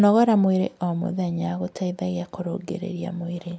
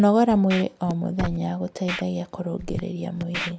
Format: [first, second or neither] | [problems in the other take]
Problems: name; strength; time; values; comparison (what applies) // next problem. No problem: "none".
first | background sound (Scratching (performance technique)); 11 dB below the speech